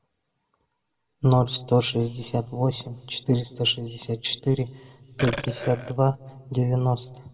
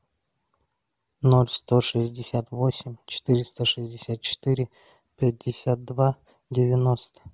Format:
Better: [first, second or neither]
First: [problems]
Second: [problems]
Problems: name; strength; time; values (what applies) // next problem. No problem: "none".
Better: second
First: background sound (Burping, eructation); 8 dB below the speech // room echo; dies away in 1.7 s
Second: none